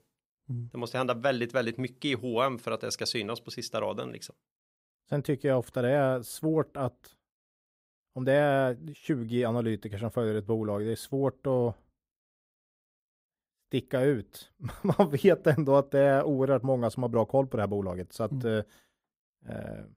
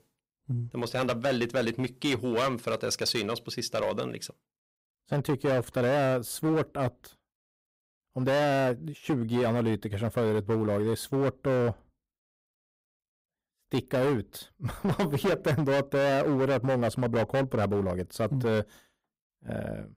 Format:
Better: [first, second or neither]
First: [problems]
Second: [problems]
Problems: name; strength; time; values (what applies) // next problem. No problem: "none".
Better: first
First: none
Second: distortion; heavy; 13% of the sound clipped